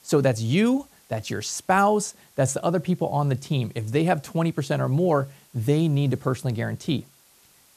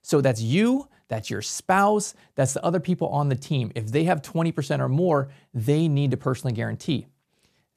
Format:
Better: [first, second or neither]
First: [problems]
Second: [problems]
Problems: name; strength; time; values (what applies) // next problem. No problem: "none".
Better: second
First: hiss; faint; throughout; 30 dB below the speech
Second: none